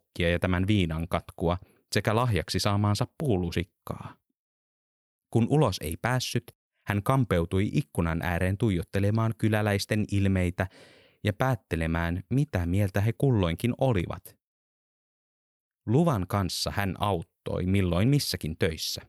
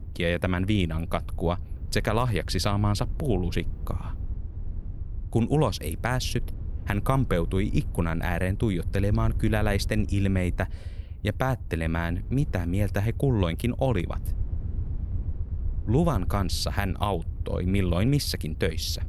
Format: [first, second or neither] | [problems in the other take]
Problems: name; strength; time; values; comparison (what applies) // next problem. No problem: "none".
first | low rumble; faint; throughout; 20 dB below the speech